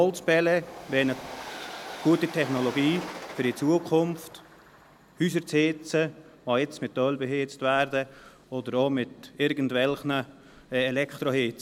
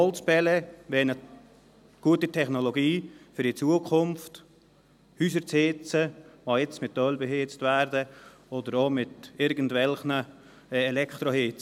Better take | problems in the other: second | background sound (Train); 17 dB below the speech

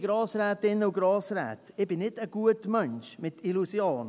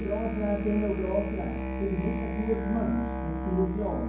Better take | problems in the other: first | background sound (Musical instrument); 3 dB below the speech // room echo; dies away in 0.9 s

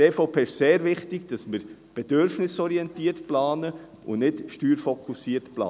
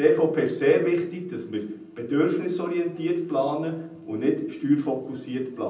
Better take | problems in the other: first | room echo; dies away in 0.6 s

